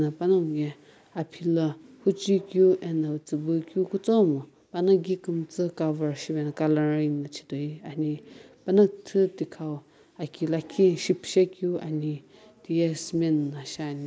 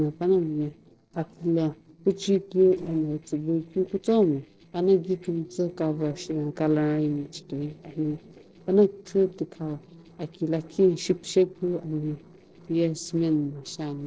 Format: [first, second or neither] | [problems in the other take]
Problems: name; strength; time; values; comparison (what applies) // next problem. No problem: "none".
first | noise reduction (neural separator model SepFormer DNS4)